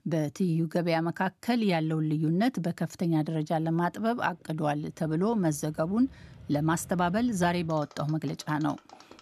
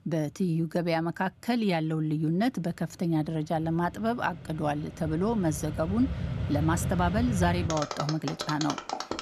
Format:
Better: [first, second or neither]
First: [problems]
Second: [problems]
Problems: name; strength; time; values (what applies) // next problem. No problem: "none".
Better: first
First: machinery noise; faint; throughout; 25 dB below the speech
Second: machinery noise; loud; throughout; 6 dB below the speech